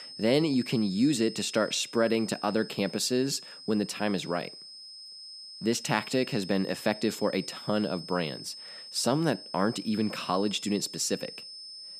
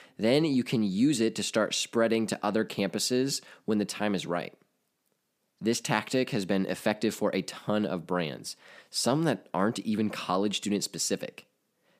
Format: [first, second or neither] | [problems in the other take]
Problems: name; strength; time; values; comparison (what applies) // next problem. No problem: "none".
second | high-pitched whine; noticeable; throughout; 5 kHz, 15 dB below the speech